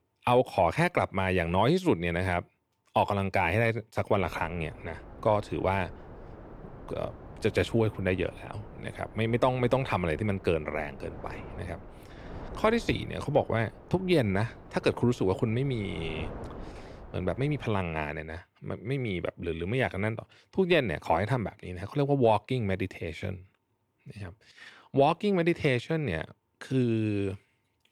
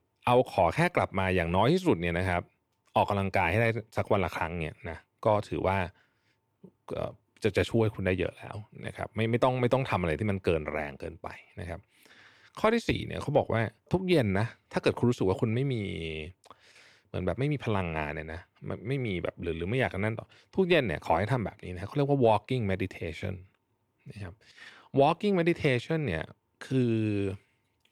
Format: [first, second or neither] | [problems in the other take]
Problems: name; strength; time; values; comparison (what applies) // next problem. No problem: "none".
second | wind noise on the microphone; occasional gusts; from 4 to 18 s; 20 dB below the speech